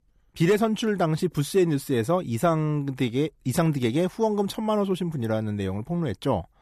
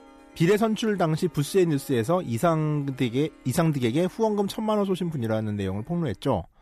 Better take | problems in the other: first | background music; faint; throughout; 25 dB below the speech

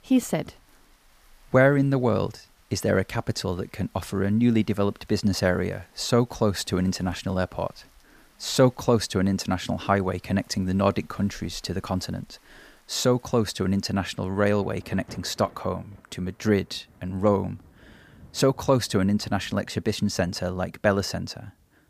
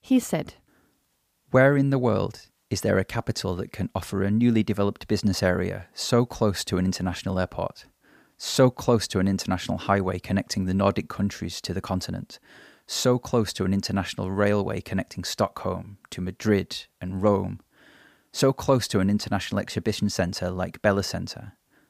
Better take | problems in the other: second | rain or running water; faint; throughout; 30 dB below the speech

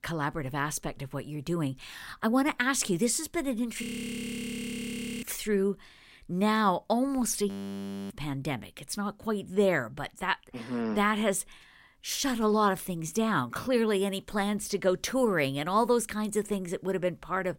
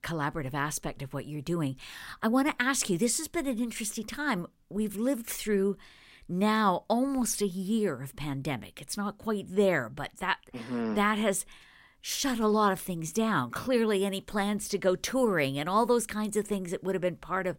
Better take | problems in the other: second | audio freezing; at 4 s for 1.5 s and at 7.5 s for 0.5 s

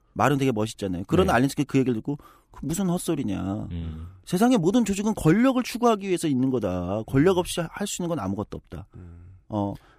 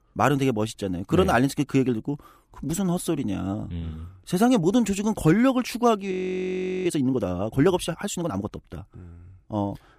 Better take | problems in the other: first | audio freezing; at 6 s for 0.5 s

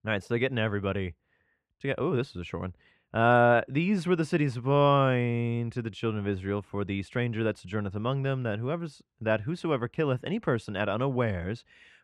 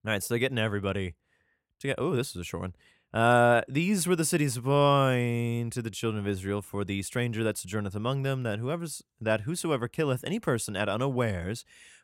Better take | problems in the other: second | muffled; slightly; fading above 3 kHz

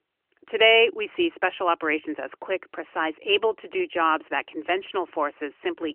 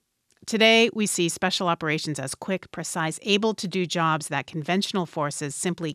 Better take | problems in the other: second | phone-call audio; nothing above 3 kHz

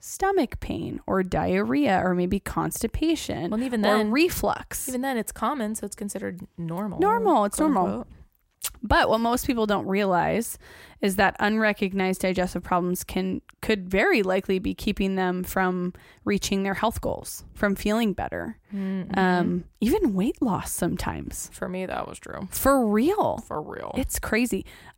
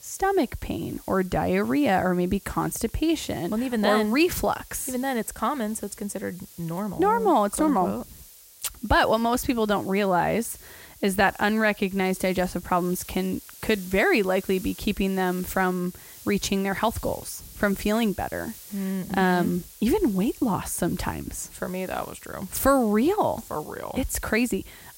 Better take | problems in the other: first | hiss; noticeable; throughout; 20 dB below the speech

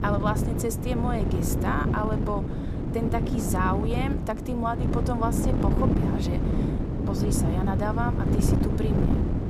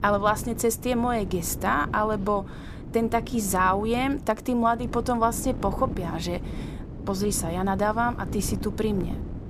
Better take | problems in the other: second | wind noise on the microphone; heavy; 2 dB below the speech; occasional gusts in the second

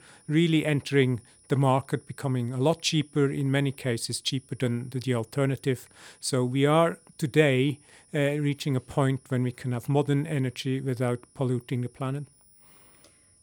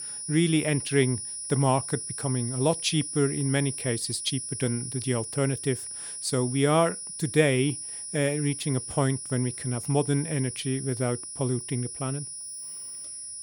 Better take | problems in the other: first | high-pitched whine; loud; throughout; 9.5 kHz, 6 dB below the speech; faint in the first

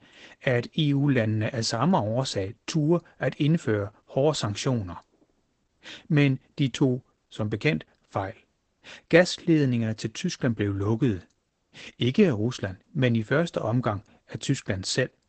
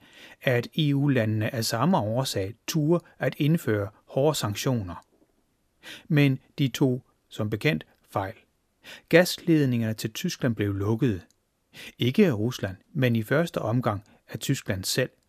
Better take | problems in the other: second | garbled, watery; badly; nothing above 8 kHz

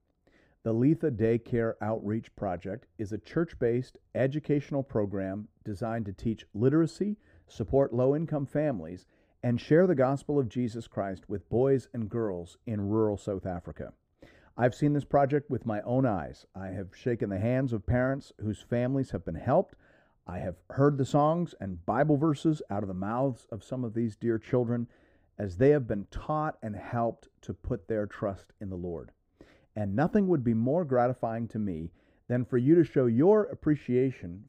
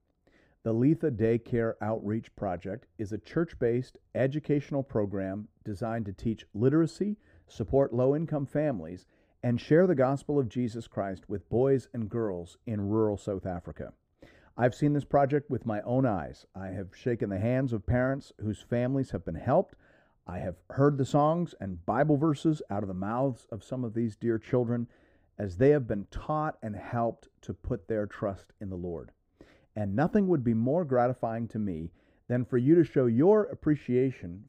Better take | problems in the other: neither | muffled; slightly; fading above 1 kHz; the same in both

